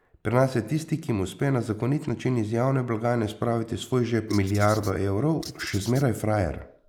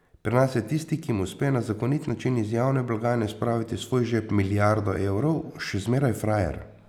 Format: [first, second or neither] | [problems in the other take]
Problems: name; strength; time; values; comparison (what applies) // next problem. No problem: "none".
second | noise reduction (neural mask model Resemble Enhance denoiser)